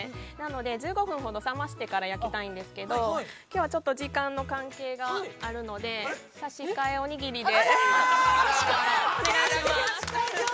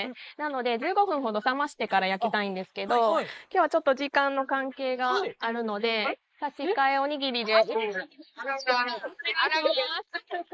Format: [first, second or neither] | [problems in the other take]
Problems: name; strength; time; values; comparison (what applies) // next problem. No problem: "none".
first | noise reduction (neural mask model Resemble Enhance denoiser)